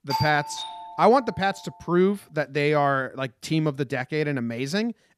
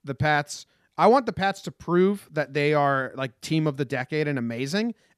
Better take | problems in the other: second | doorbell; noticeable; at the start; peak 4 dB below the speech

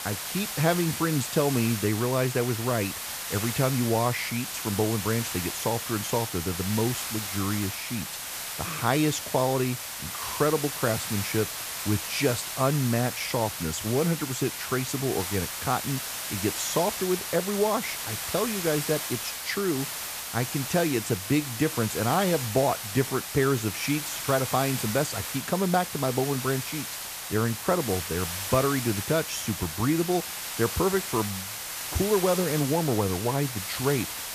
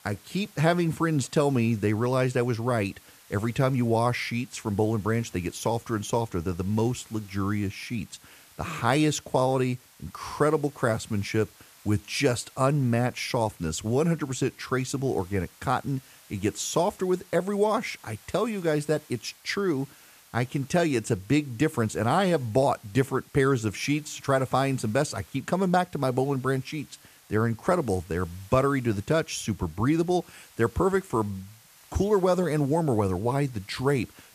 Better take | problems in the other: second | hiss; loud; throughout; 4 dB below the speech; faint in the second

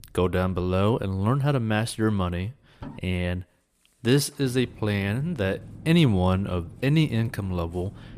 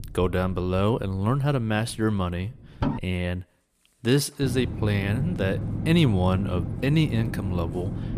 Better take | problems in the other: first | low rumble; loud; until 3 s and from 4.5 s on; 10 dB below the speech; faint in the first

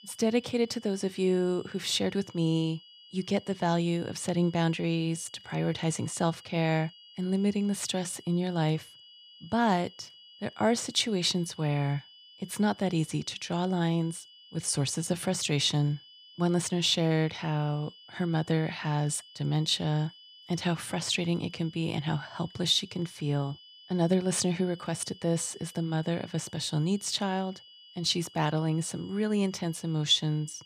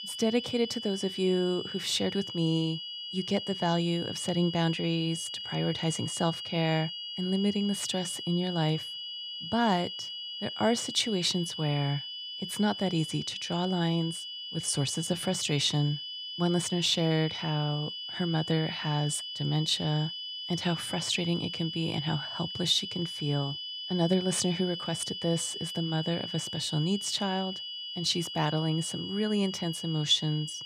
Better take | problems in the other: first | high-pitched whine; loud; throughout; 3 kHz, 6 dB below the speech; faint in the first

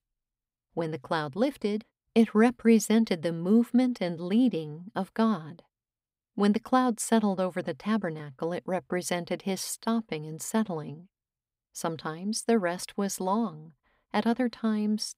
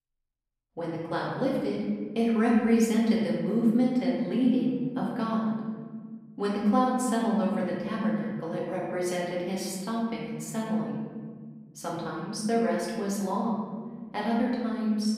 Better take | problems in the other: first | room echo; noticeable; dies away in 1.8 s // off-mic speech; far

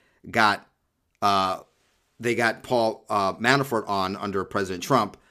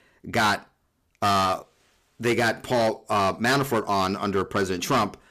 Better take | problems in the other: first | distortion; heavy; 10% of the sound clipped

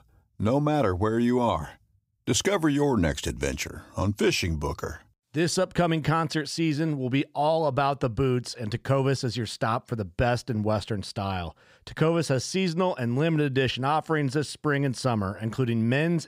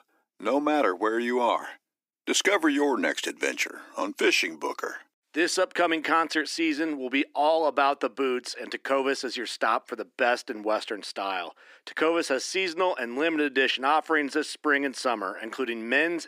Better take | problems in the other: first | thin; somewhat; fading below 300 Hz

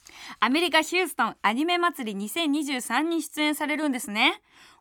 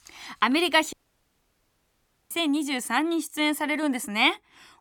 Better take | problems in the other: first | audio cutting out; at 1 s for 1.5 s

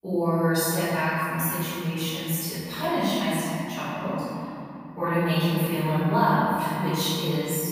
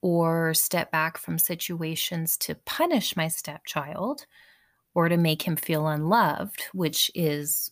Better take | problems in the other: second | room echo; strong; dies away in 3 s // off-mic speech; far

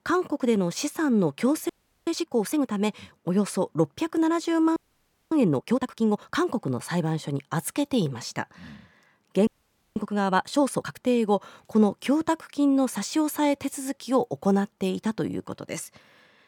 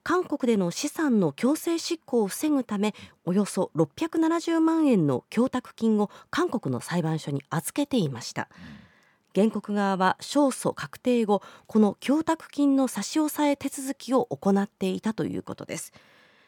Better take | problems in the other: second | audio freezing; at 1.5 s, at 5 s for 0.5 s and at 9.5 s

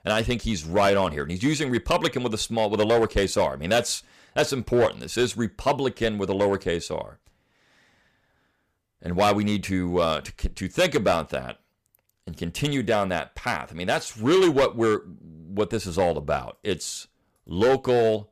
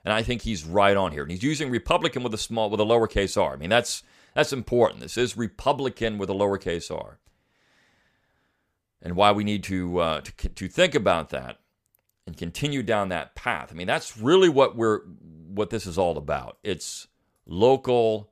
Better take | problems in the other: second | distortion; slight; 4% of the sound clipped

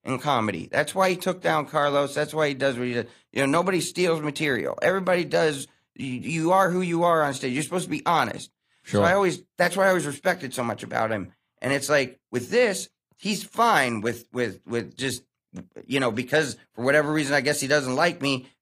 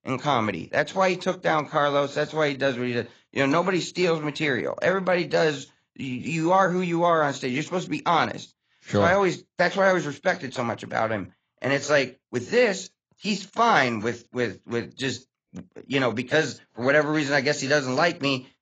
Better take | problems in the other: first | garbled, watery; badly; nothing above 7.5 kHz; slightly in the first

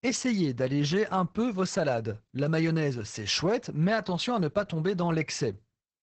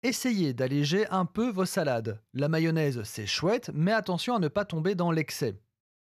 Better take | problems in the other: second | garbled, watery; badly; nothing above 8 kHz

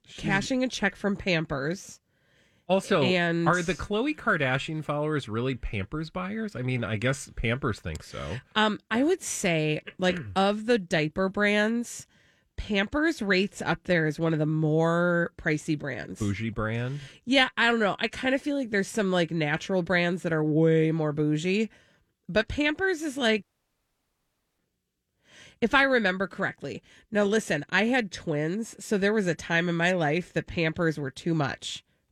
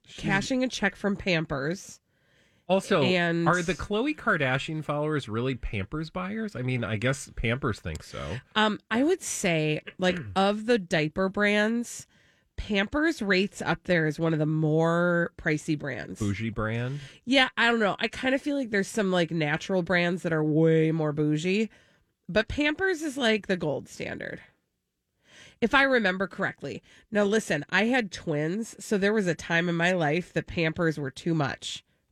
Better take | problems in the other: second | audio cutting out; at 23 s for 1 s

